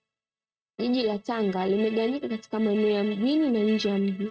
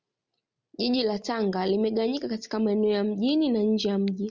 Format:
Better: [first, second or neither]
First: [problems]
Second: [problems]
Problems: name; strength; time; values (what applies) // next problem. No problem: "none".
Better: second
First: noise reduction (neural mask model RNNoise)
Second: none